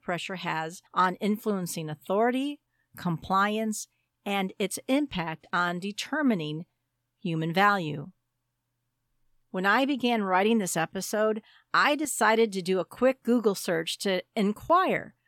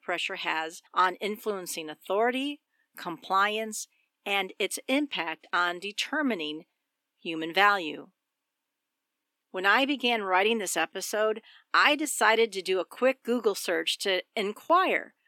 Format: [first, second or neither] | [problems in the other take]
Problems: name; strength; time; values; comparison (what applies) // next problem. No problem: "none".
first | thin; very slightly; fading below 300 Hz